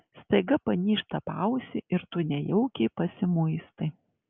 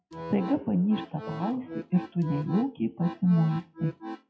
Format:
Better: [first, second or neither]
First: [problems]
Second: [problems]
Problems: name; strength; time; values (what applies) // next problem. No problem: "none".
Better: first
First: none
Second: noise reduction (classical method WPE with log-MMSE)